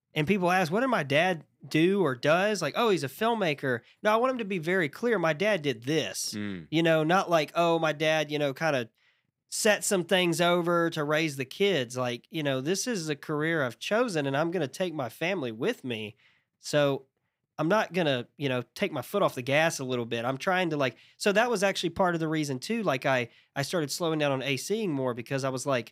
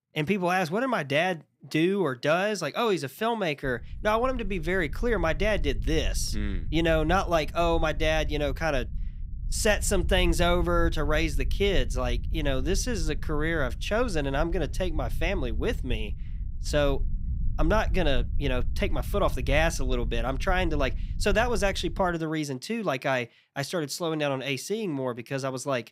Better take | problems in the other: first | low rumble; faint; from 3.5 to 22 s; 25 dB below the speech

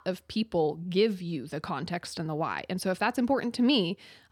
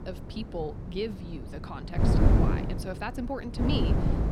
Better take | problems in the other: first | wind noise on the microphone; heavy; 3 dB above the speech

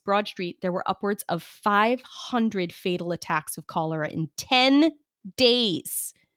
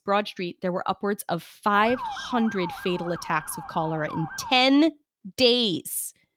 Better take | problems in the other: first | siren; noticeable; from 1.5 to 4.5 s; peak 9 dB below the speech

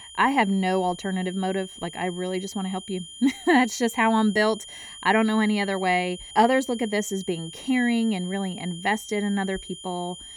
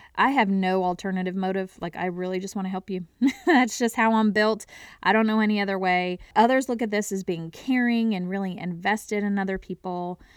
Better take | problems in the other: second | high-pitched whine; noticeable; throughout; 3 kHz, 15 dB below the speech

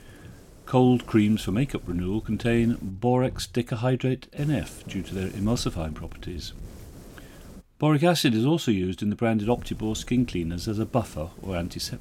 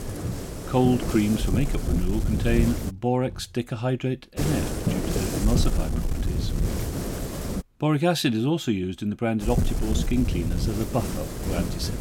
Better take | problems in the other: first | wind noise on the microphone; heavy; until 3 s, from 4.5 to 7.5 s and from 9.5 s on; 5 dB below the speech; occasional gusts in the first

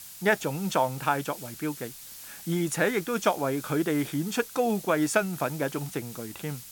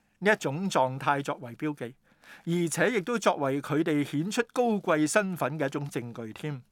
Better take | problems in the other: second | hiss; noticeable; throughout; 15 dB below the speech

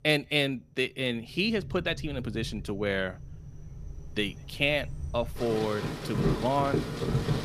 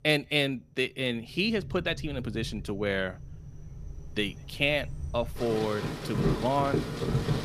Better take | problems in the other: neither | rain or running water; loud; throughout; 5 dB below the speech; the same in both

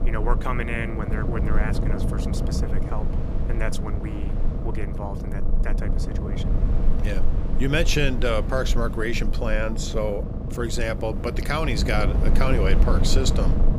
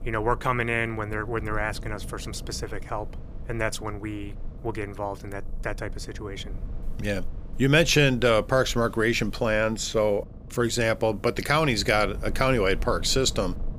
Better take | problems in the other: second | low rumble; loud; throughout; 8 dB below the speech; faint in the second

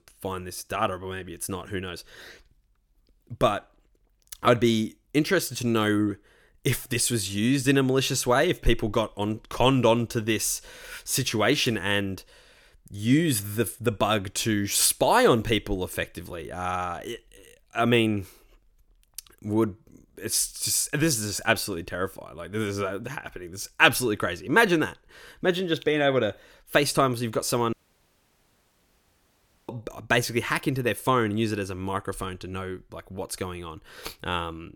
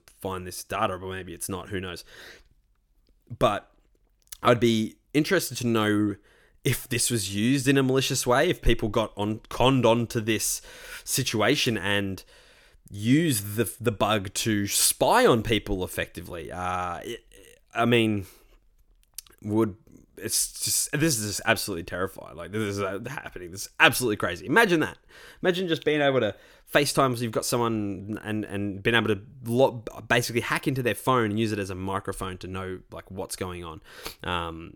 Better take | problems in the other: second | audio cutting out; at 28 s for 2 s

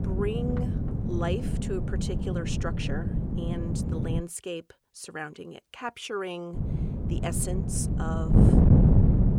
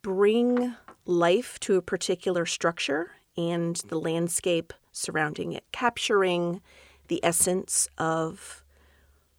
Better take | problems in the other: second | wind noise on the microphone; heavy; until 4 s and from 6.5 s on; 1 dB above the speech

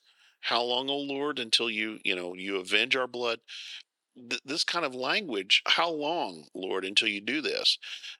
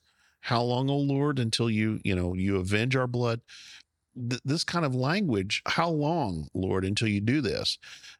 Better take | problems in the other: second | thin; somewhat; fading below 350 Hz

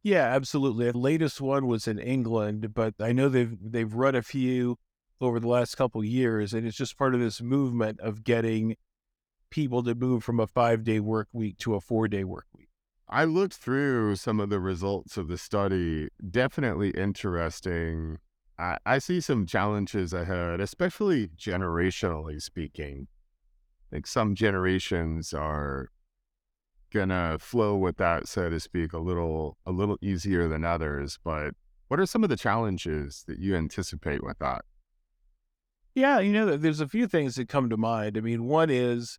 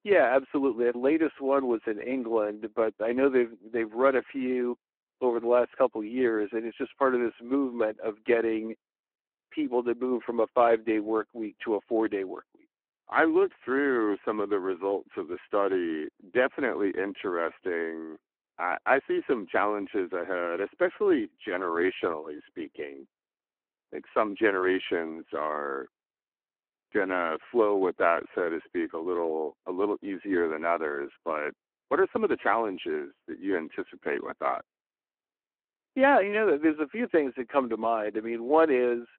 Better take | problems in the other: first | phone-call audio

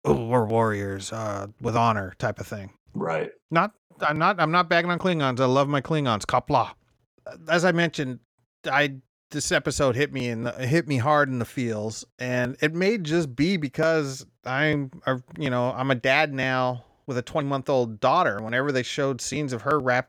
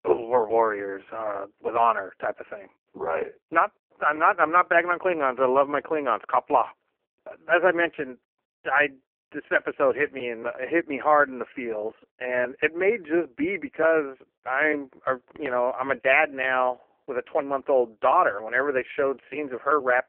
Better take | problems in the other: first | phone-call audio; poor line

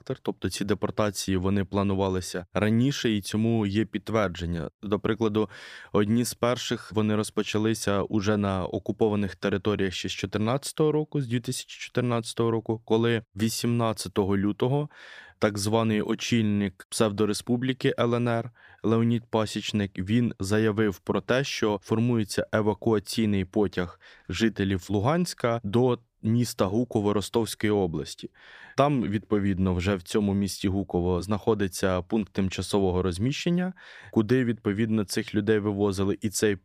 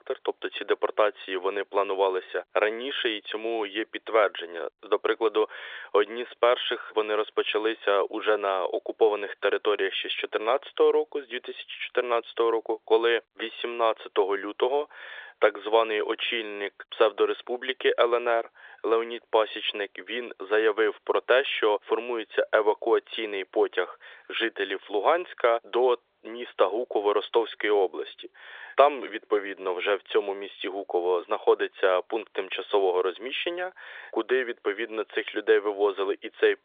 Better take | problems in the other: first | phone-call audio; nothing above 3.5 kHz

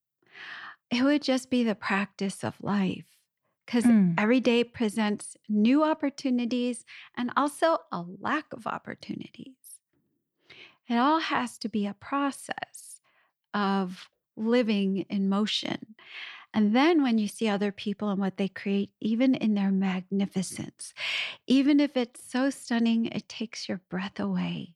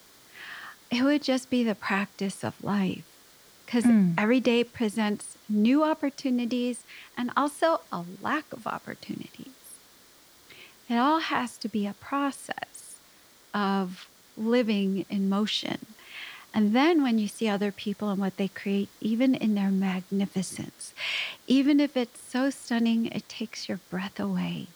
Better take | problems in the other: first | hiss; faint; throughout; 25 dB below the speech

